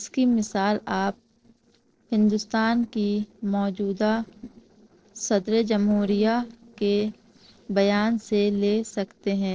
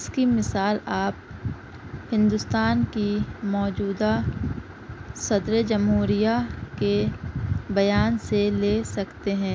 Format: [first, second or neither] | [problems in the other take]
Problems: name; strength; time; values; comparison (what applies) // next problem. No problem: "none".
second | noise reduction (neural separator model SepFormer DNS4)